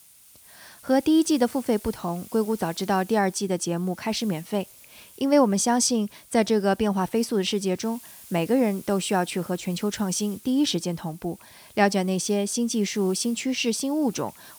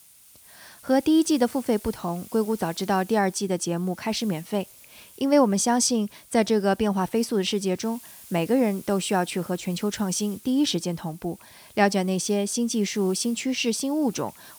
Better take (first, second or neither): neither